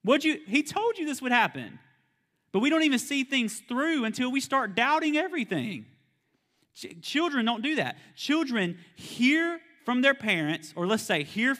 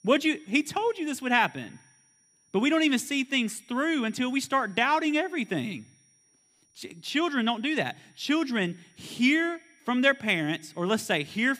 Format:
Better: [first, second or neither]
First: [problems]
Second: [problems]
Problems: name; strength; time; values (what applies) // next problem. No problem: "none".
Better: first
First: none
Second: high-pitched whine; faint; throughout; 5.5 kHz, 35 dB below the speech